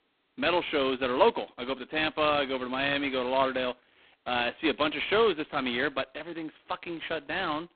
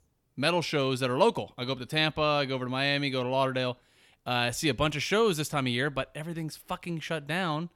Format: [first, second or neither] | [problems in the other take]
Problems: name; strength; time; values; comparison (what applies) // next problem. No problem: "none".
second | phone-call audio; poor line; nothing above 3.5 kHz